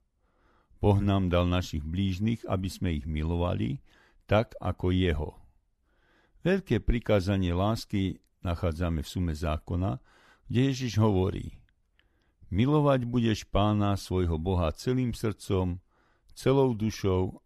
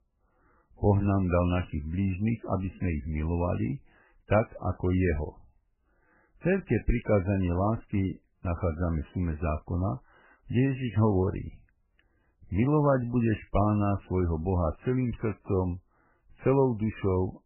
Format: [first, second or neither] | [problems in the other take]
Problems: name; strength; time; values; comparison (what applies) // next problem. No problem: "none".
first | garbled, watery; badly; nothing above 3 kHz